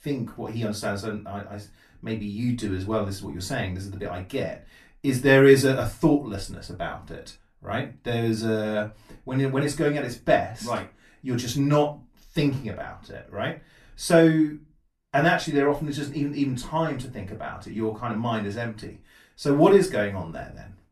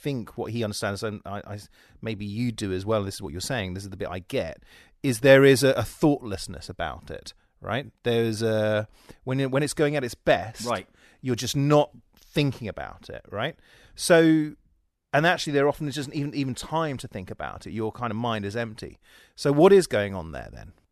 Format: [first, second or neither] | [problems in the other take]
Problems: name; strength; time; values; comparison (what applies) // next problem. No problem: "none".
second | off-mic speech; far // room echo; very slight; dies away in 0.2 s